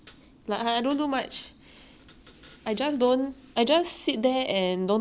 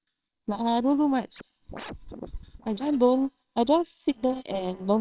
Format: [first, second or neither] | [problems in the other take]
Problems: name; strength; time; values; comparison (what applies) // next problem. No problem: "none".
first | noise reduction (neural separator model SepFormer WHAMR!)